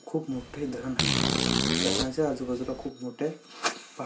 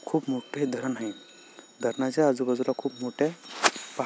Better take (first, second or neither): second